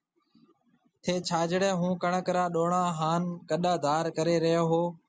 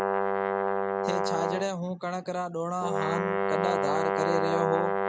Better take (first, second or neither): first